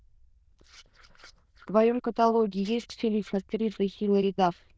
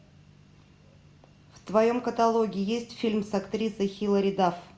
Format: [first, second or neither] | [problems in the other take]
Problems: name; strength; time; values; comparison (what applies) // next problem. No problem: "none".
second | noise reduction (neural diffusion model UNIVERSE++)